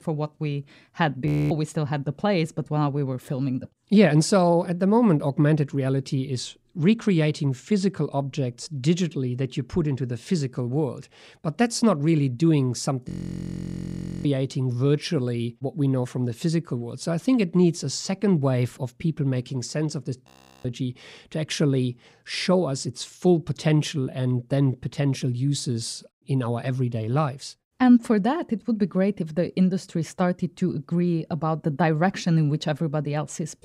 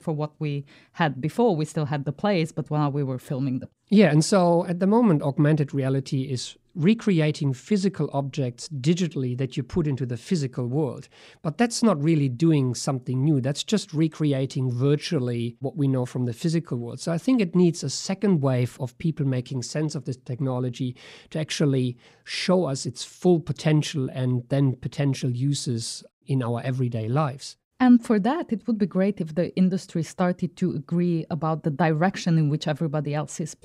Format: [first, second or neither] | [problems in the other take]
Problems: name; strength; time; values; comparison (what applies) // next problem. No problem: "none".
second | audio freezing; at 1.5 s, at 13 s for 1 s and at 20 s